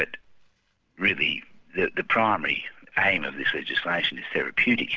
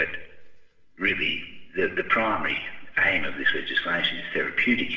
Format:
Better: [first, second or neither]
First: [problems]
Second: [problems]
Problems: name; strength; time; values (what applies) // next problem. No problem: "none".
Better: first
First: none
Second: room echo; dies away in 1.1 s